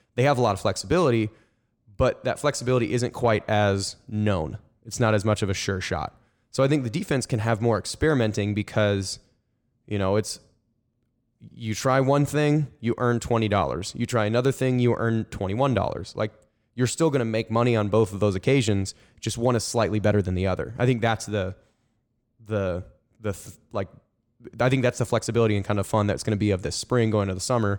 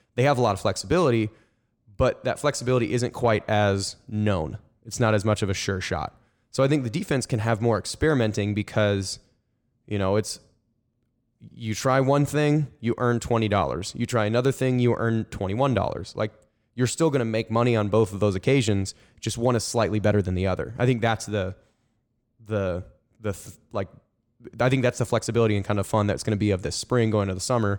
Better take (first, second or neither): neither